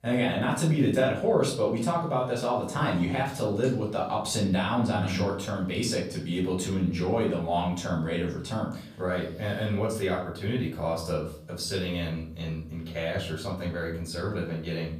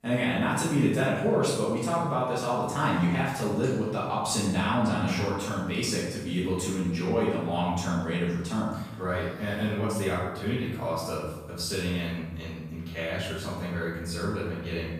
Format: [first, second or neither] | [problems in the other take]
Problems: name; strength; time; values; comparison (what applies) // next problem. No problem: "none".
first | room echo; strong; dies away in 1 s; slight in the first // off-mic speech; far; far in the first